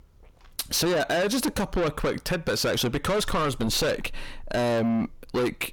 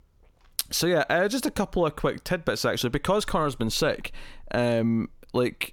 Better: second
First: distortion; heavy; 6 dB below the speech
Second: none

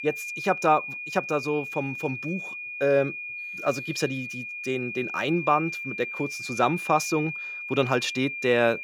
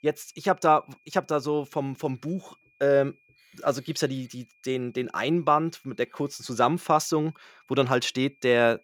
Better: second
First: high-pitched whine; loud; throughout; 2.5 kHz, 6 dB below the speech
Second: high-pitched whine; faint; throughout; 2.5 kHz, 35 dB below the speech

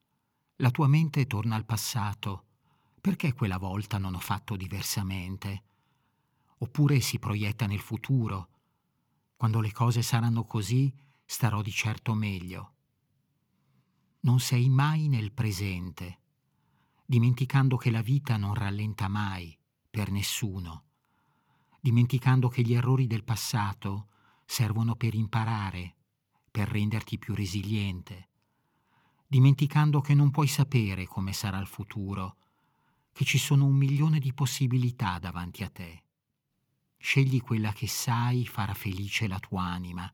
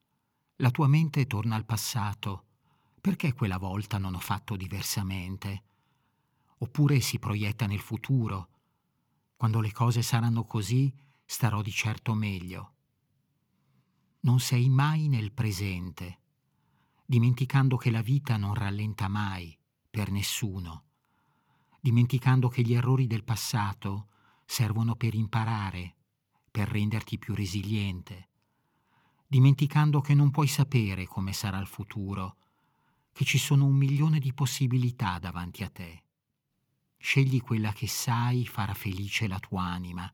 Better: neither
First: none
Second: none

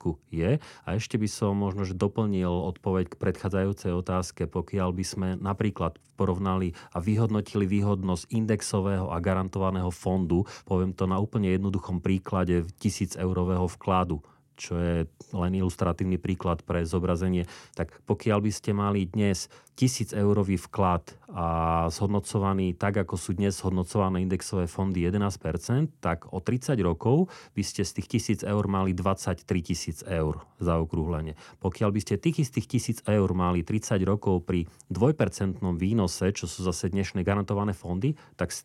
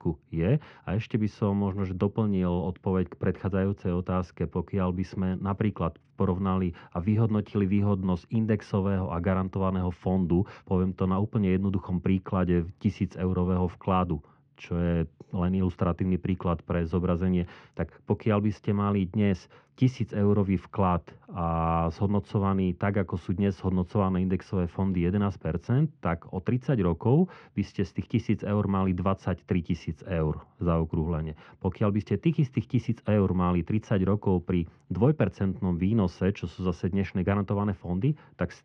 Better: first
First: none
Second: muffled; very; fading above 3 kHz

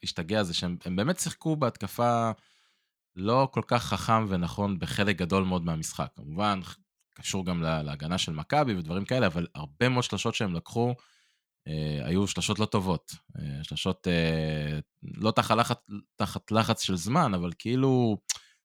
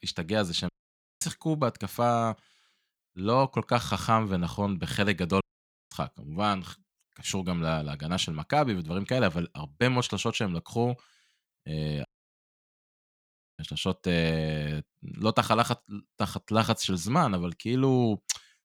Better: first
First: none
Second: audio cutting out; at 0.5 s for 0.5 s, at 5.5 s for 0.5 s and at 12 s for 1.5 s

